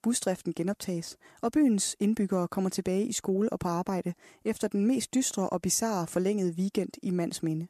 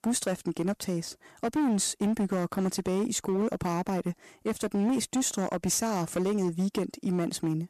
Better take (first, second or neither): first